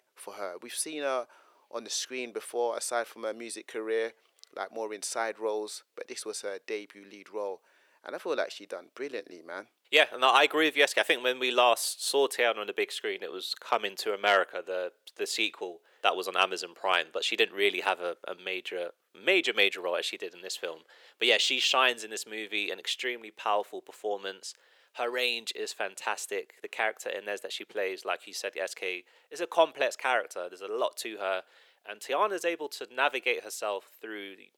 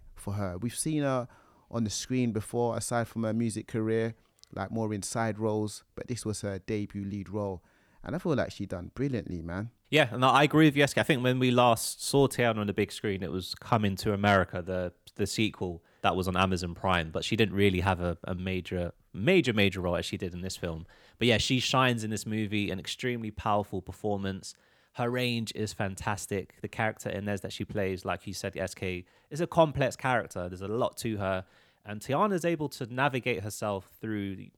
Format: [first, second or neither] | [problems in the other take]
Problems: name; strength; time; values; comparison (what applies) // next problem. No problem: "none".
second | thin; very; fading below 400 Hz